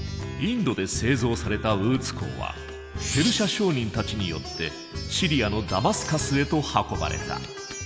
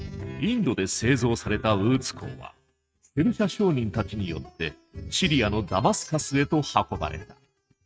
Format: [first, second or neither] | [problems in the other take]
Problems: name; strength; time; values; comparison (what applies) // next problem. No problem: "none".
first | noise reduction (neural mask model RNNoise)